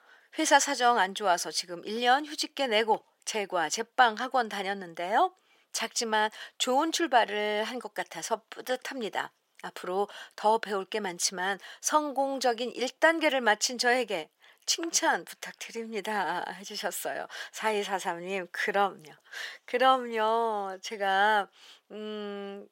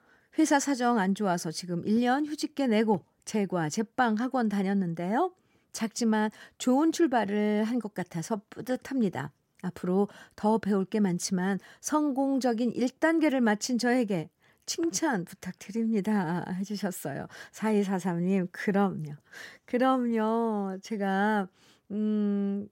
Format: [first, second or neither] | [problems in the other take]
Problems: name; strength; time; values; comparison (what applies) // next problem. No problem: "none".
second | thin; very; fading below 650 Hz